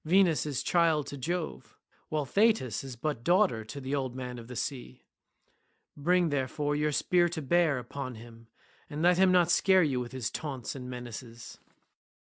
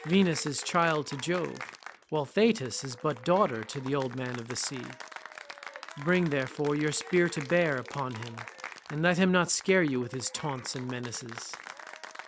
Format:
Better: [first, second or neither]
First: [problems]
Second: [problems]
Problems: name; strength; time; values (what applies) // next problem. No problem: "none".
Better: first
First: none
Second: background sound (Applause / Cheering); 15 dB below the speech